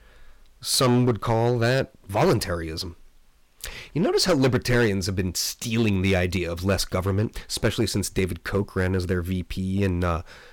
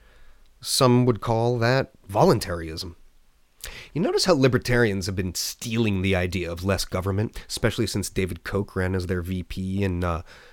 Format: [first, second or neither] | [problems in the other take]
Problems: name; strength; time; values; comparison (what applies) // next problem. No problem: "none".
second | distortion; slight; 4% of the sound clipped